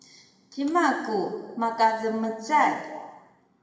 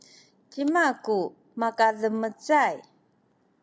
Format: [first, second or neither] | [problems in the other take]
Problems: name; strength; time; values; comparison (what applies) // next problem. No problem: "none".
second | room echo; dies away in 1.2 s